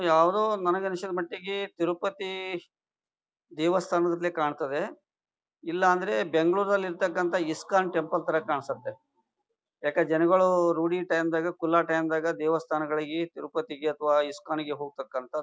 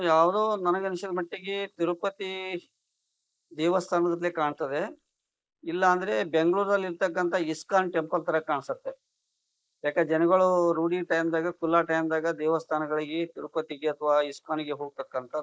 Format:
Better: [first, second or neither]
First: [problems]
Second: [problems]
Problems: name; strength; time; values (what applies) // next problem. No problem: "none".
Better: first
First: none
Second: noise reduction (neural mask model Resemble Enhance denoiser)